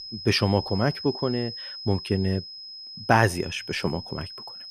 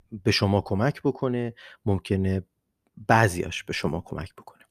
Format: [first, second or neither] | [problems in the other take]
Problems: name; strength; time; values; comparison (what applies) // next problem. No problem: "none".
second | high-pitched whine; noticeable; throughout; 5 kHz, 10 dB below the speech